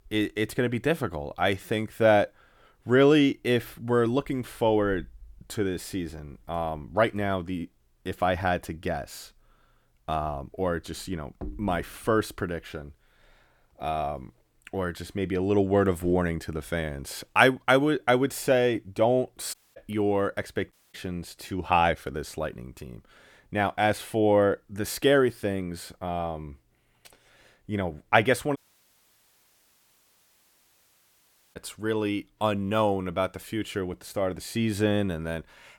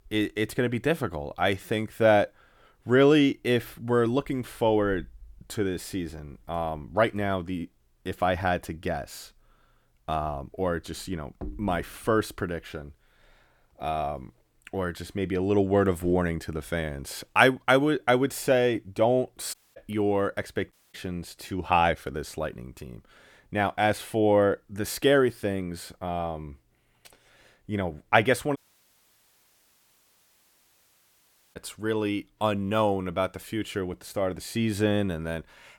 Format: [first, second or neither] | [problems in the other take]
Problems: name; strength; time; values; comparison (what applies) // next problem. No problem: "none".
neither | audio cutting out; at 20 s, at 21 s and at 29 s for 3 s; the same in both